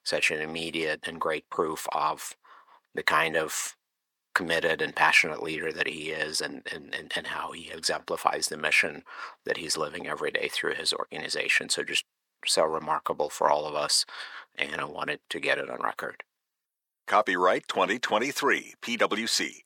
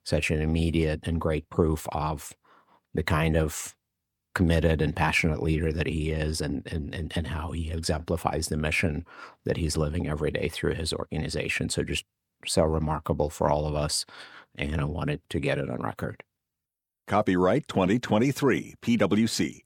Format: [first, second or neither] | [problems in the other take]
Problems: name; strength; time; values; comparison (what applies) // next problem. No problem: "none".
second | thin; very; fading below 500 Hz